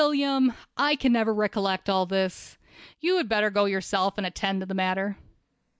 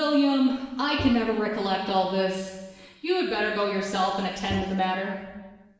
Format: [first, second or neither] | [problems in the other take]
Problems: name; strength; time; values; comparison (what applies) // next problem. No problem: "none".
first | background sound (Bowed string instrument); 12 dB below the speech // room echo; dies away in 1.1 s